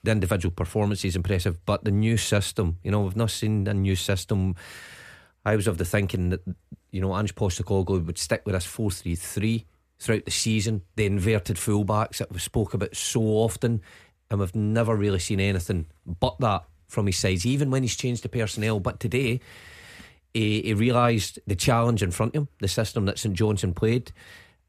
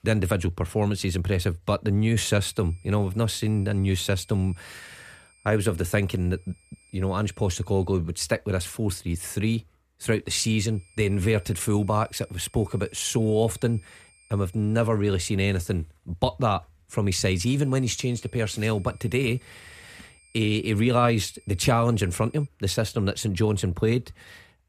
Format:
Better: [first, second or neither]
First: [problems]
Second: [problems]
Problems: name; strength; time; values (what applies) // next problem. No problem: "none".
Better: first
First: none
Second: high-pitched whine; faint; from 2.5 to 8 s, from 10 to 15 s and from 17 to 22 s; 2.5 kHz, 30 dB below the speech